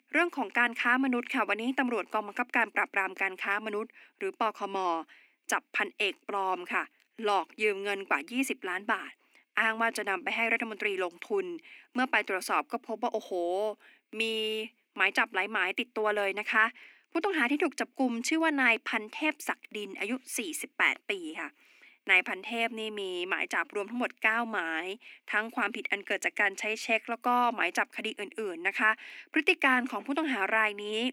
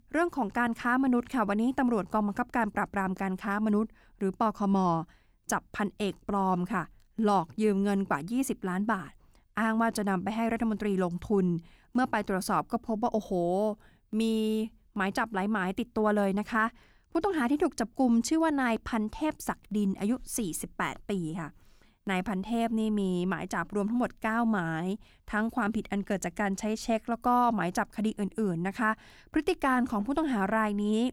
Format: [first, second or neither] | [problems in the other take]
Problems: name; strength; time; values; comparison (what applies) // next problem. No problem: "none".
second | thin; somewhat; fading below 250 Hz